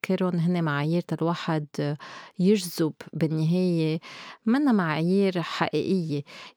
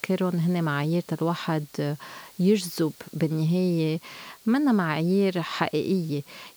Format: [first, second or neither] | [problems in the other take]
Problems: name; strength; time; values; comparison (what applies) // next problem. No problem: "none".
first | hiss; faint; throughout; 25 dB below the speech